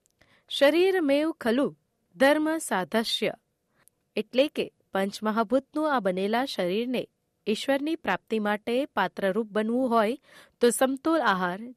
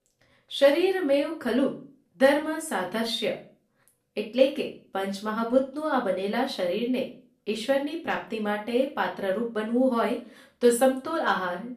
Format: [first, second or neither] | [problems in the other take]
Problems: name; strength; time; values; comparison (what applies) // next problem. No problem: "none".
first | room echo; slight; dies away in 0.3 s // off-mic speech; far